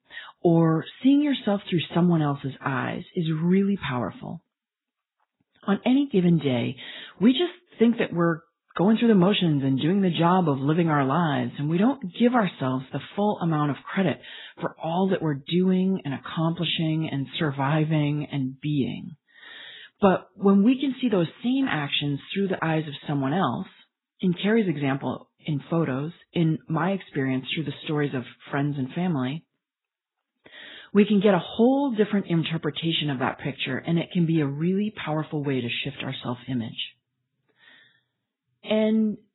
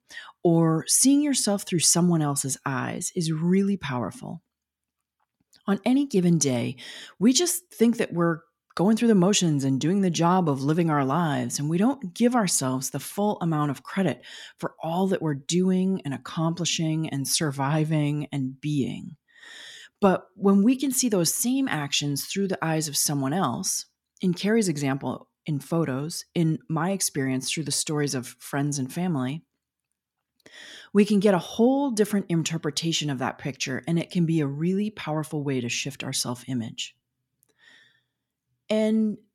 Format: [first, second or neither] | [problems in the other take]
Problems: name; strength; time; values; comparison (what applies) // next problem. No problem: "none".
second | garbled, watery; badly; nothing above 4 kHz